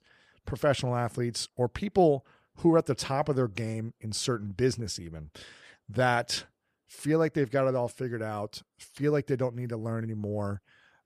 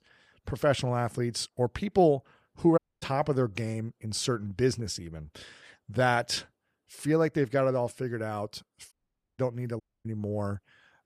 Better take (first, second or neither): first